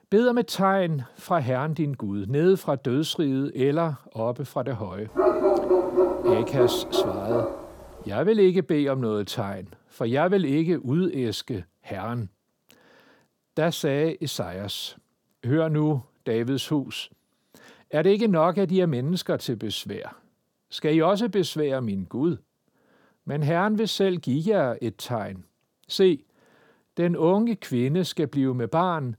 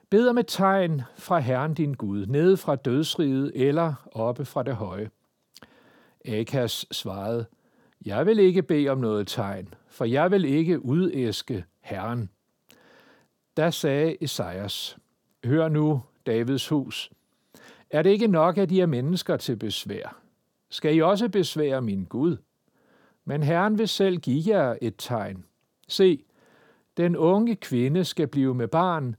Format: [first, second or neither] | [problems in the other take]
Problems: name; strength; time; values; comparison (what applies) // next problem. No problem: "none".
second | dog barking; loud; from 5 to 7.5 s; peak 4 dB above the speech